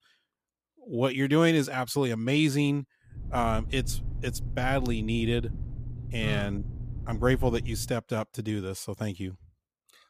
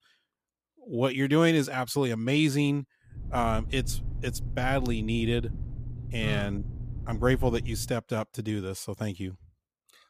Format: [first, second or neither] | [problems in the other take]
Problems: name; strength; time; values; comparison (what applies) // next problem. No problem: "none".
neither | low rumble; faint; from 3 to 8 s; 20 dB below the speech; the same in both